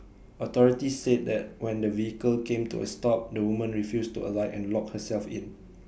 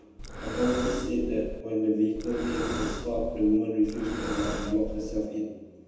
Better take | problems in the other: first | background sound (Breathing); 7 dB below the speech // room echo; dies away in 1.1 s

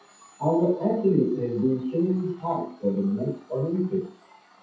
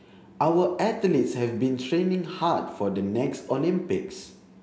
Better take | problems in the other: second | noise reduction (classical method WPE with log-MMSE)

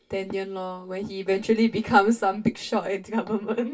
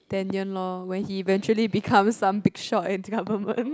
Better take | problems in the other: second | room echo; dies away in 0.1 s

